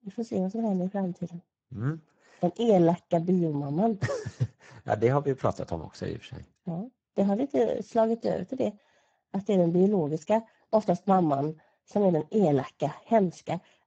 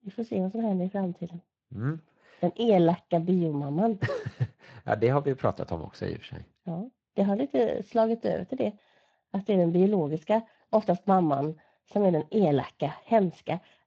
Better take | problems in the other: second | garbled, watery; badly; nothing above 7.5 kHz; slightly in the second

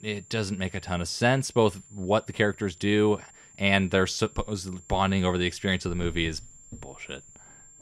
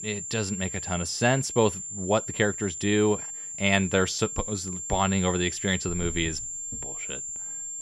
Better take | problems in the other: first | high-pitched whine; loud; throughout; 7.5 kHz, 6 dB below the speech; faint in the first

